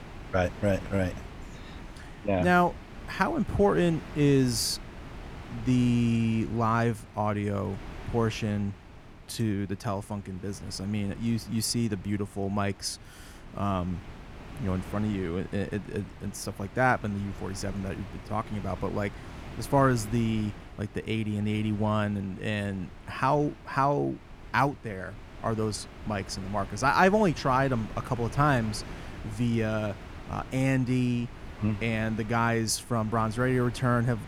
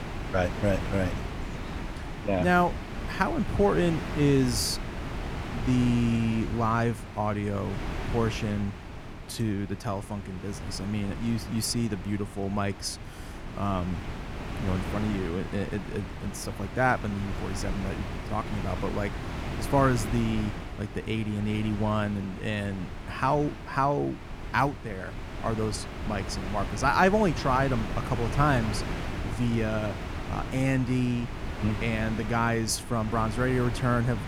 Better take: first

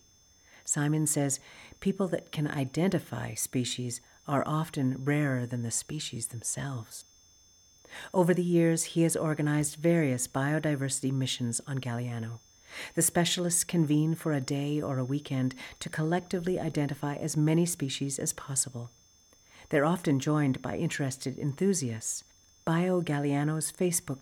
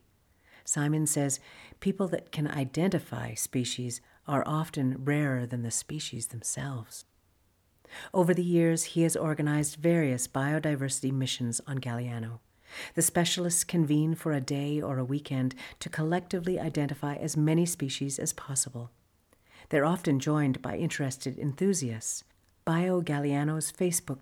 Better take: second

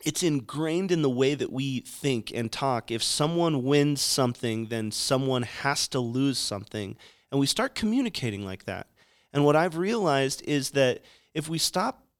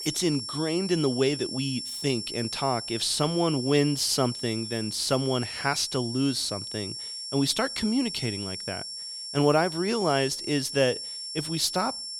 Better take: first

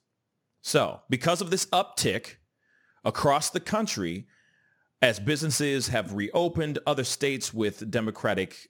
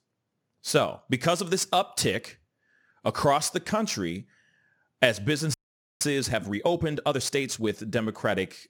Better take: first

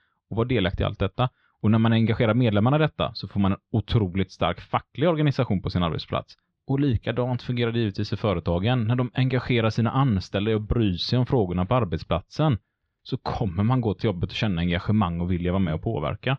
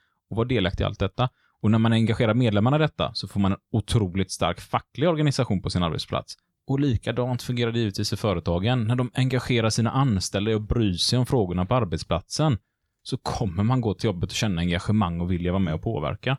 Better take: second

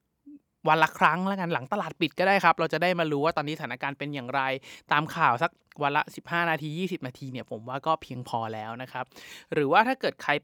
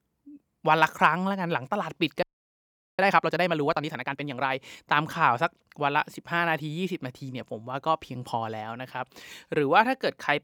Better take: first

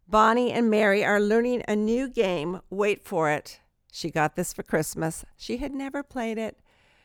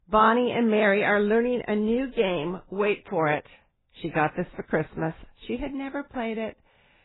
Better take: first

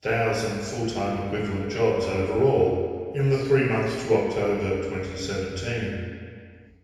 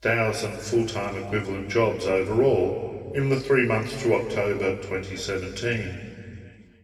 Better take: second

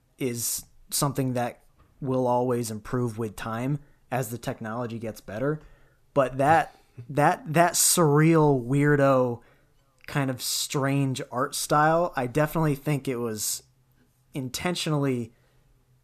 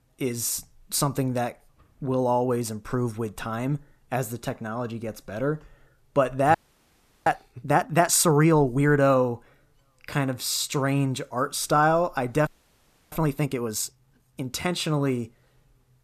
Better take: first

